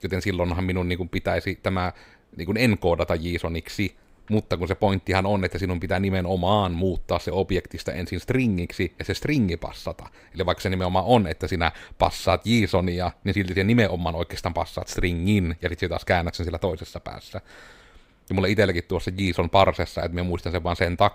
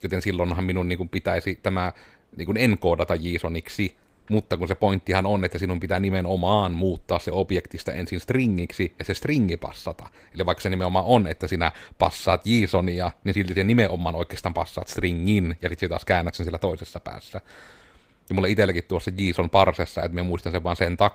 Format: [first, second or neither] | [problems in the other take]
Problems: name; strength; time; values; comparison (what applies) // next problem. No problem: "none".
first | garbled, watery; slightly; nothing above 15.5 kHz